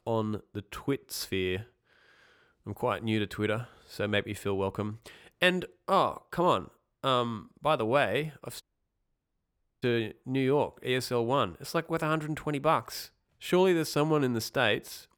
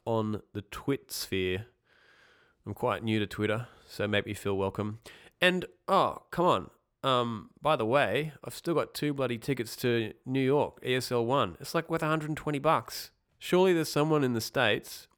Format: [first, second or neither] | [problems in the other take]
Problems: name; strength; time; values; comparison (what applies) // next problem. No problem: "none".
second | audio cutting out; at 8.5 s for 1 s